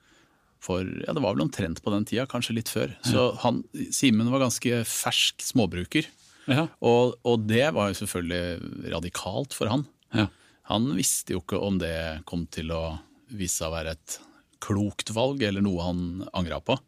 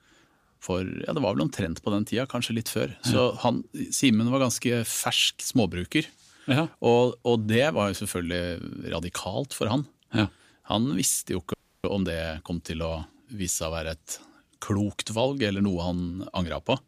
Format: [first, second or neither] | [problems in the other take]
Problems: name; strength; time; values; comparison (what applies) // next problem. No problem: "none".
first | audio freezing; at 12 s